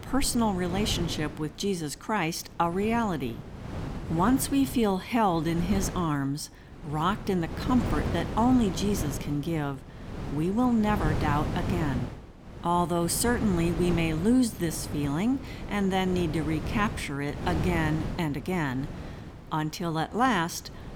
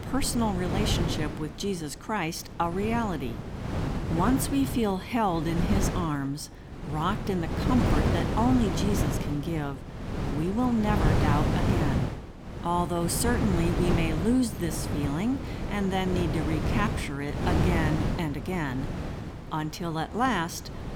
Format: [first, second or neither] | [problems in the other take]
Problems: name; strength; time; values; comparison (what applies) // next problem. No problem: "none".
first | wind noise on the microphone; heavy; 4 dB below the speech; occasional gusts in the first